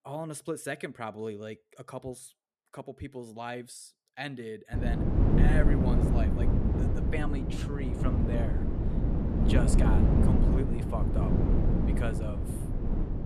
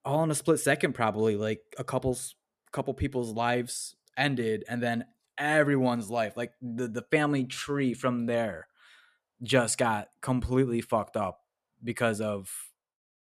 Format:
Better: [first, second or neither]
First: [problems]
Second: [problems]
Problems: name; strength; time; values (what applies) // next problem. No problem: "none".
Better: second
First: wind noise on the microphone; heavy; from 4.5 s on; 2 dB above the speech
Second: none